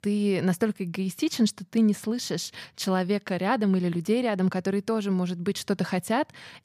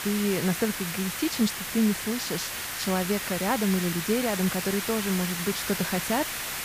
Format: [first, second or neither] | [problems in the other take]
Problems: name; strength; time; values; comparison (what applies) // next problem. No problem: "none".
first | hiss; loud; throughout; 3 dB below the speech